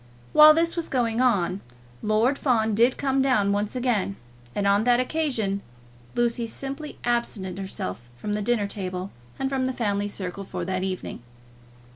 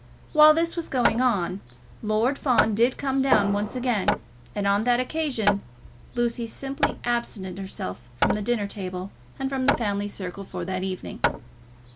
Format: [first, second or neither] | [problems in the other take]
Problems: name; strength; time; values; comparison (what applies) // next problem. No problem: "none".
first | background sound (Hammer + Fireworks); 6 dB below the speech